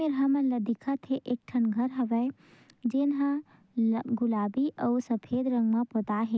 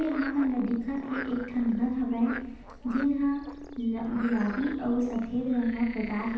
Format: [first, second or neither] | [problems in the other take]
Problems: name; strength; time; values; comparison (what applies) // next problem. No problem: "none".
first | background sound (Frog); 14 dB below the speech // room echo; dies away in 0.9 s